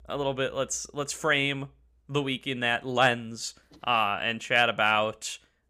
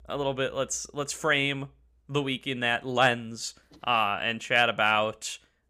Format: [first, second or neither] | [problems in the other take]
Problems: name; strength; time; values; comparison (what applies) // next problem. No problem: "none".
neither | none